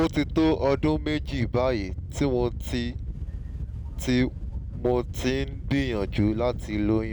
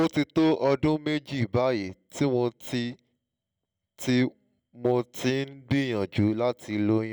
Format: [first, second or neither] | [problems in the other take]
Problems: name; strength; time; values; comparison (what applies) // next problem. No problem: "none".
second | background sound (Wind / Boat, Water vehicle); 6 dB below the speech